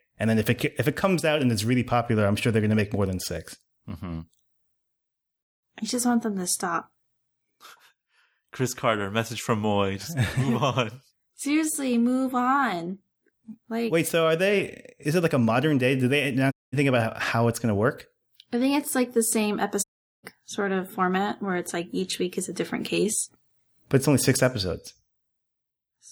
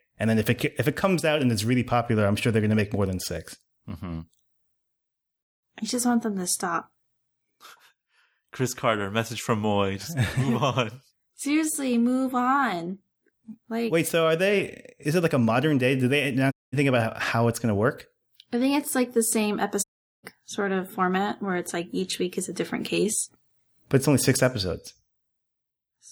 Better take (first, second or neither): neither